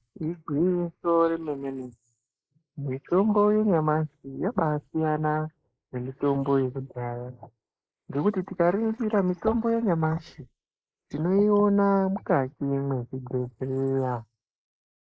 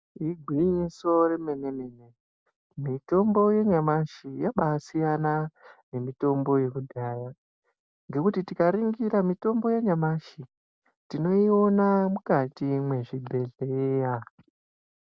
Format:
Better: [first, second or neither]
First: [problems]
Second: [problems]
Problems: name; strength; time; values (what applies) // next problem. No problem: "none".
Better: second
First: noise reduction (neural mask model Resemble Enhance denoiser)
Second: none